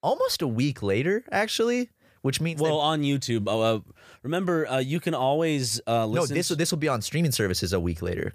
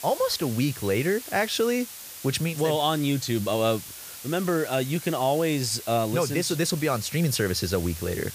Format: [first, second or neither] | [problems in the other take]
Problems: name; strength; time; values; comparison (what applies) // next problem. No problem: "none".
first | hiss; noticeable; throughout; 10 dB below the speech